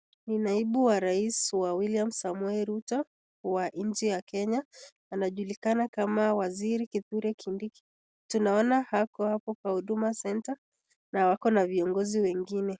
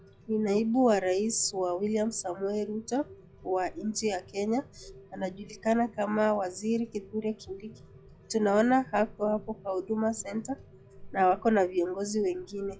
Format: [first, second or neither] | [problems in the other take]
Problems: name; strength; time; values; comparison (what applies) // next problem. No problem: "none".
first | noise reduction (classical method log-MMSE)